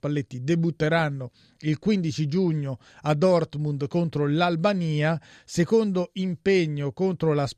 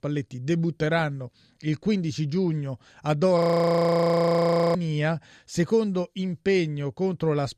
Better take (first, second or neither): first